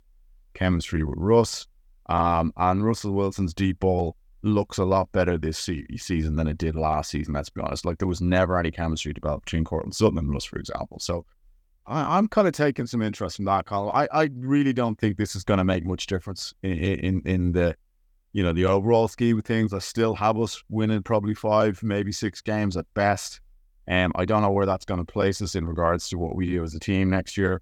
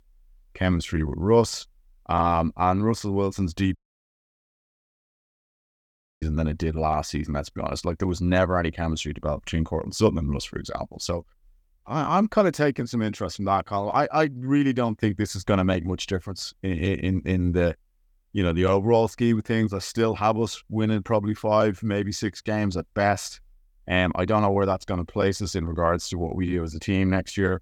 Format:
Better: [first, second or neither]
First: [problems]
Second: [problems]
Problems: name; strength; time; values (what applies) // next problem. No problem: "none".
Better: first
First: none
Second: audio cutting out; at 4 s for 2.5 s